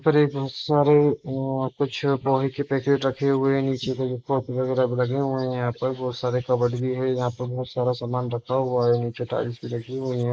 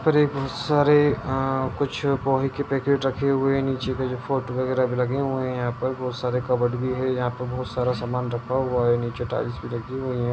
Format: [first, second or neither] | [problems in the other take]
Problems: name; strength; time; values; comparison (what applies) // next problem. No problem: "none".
second | noise reduction (neural mask model Resemble Enhance denoiser)